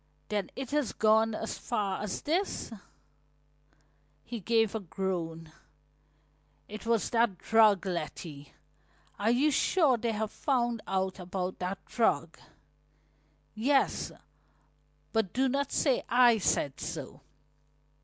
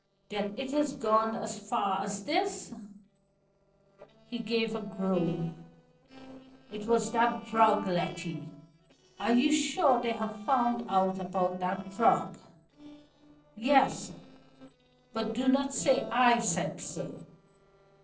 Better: first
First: none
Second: noise reduction (neural separator model SepFormer DNS4)

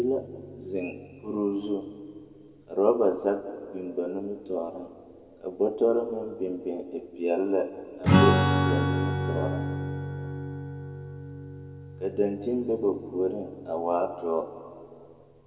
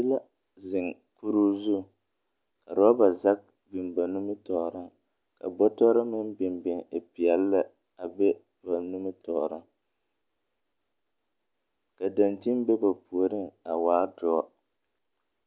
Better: second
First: background sound (Strum); 2 dB below the speech // room echo; dies away in 1.8 s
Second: none

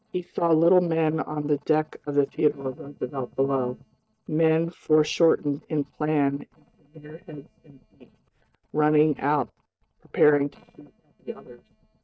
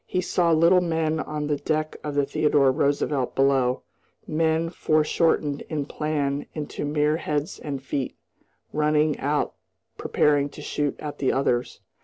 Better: second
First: noise reduction (neural mask model DeepFilterNet 3)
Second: none

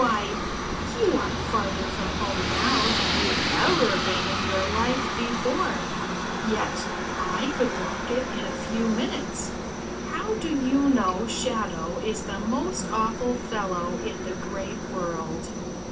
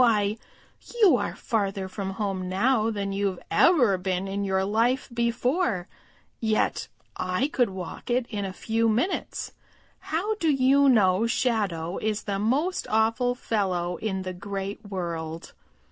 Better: second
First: background sound (Aircraft); as loud as the speech // room echo; dies away in 0.3 s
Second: none

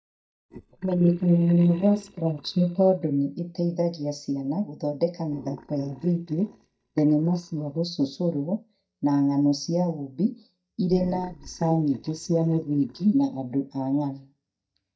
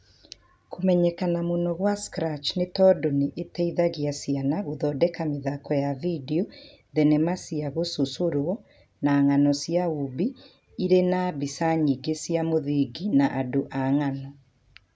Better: second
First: noise reduction (neural mask model DeepFilterNet 3)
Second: none

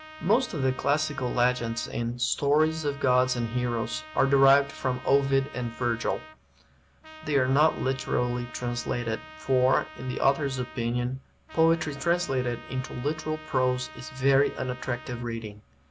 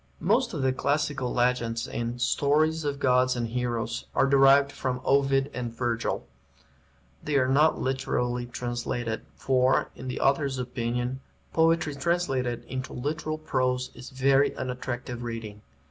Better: second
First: background sound (Trumpet); 19 dB below the speech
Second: none

